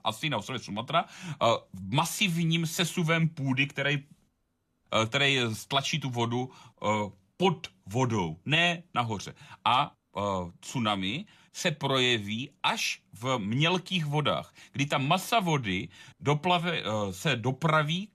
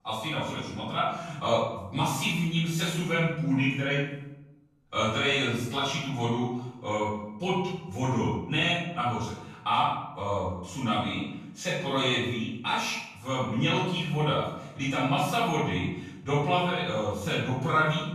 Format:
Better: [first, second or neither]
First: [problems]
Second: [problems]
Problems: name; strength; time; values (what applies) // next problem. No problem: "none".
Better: first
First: none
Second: off-mic speech; far // room echo; strong; dies away in 0.8 s